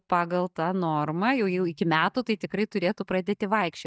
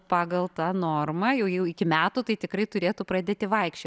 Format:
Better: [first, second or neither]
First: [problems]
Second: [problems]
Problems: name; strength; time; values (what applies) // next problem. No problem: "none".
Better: second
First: noise reduction (neural mask model DeepFilterNet 3)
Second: none